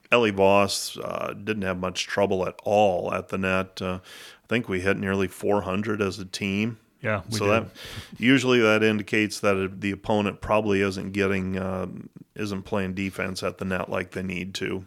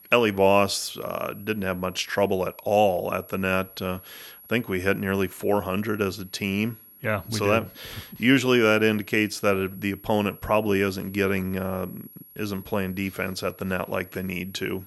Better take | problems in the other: first | high-pitched whine; faint; throughout; 11.5 kHz, 20 dB below the speech

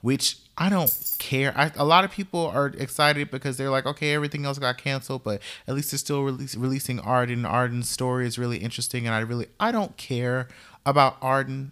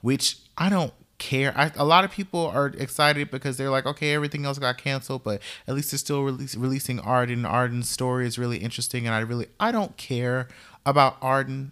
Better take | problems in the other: second | jangling keys; loud; at 1 s; peak 2 dB above the speech

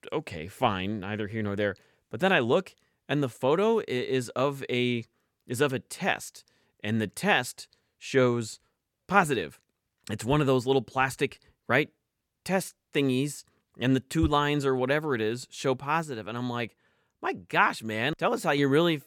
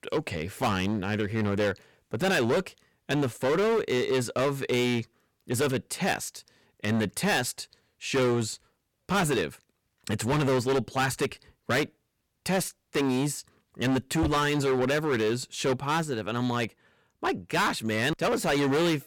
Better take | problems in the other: first | distortion; heavy; 15% of the sound clipped

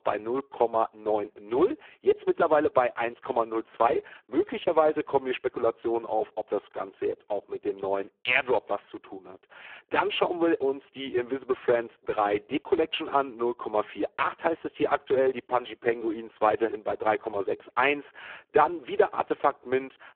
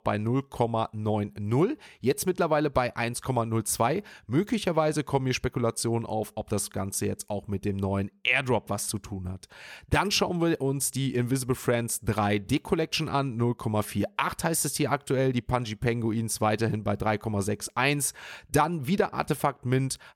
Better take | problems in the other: second | phone-call audio; poor line

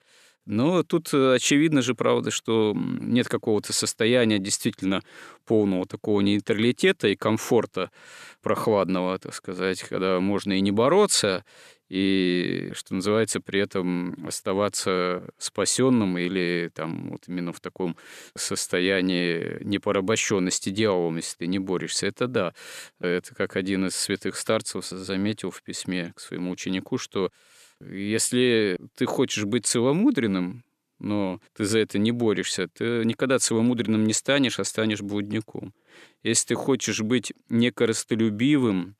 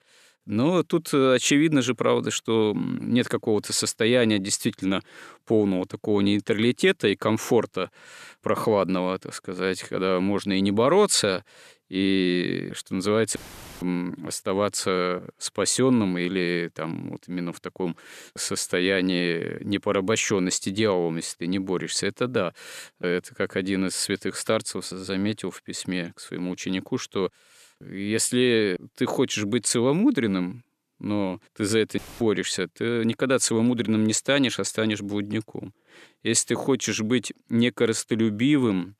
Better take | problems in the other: first | audio cutting out; filled with static; at 13 s and at 32 s

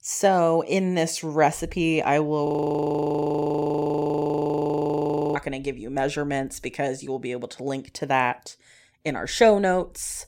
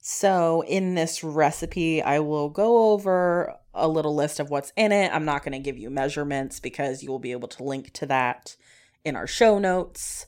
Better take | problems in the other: second | audio freezing; at 2.5 s for 3 s

